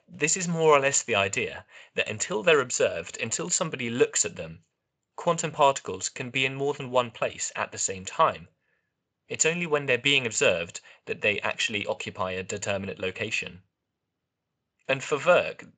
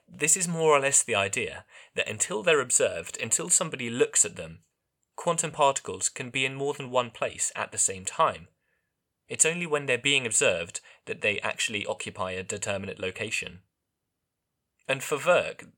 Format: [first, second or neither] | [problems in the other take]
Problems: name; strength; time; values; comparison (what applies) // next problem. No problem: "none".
second | garbled, watery; slightly; nothing above 7.5 kHz